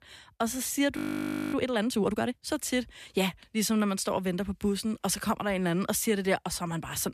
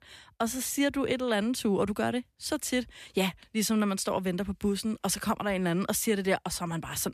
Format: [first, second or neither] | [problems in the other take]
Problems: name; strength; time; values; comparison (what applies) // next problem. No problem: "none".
second | audio freezing; at 1 s for 0.5 s